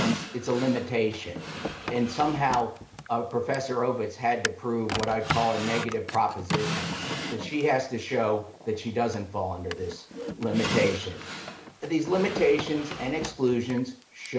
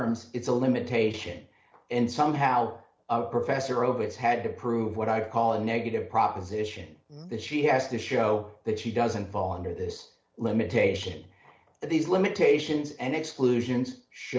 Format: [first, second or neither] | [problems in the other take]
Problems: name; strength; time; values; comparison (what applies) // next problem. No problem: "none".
second | background sound (Drawer open or close); 7 dB below the speech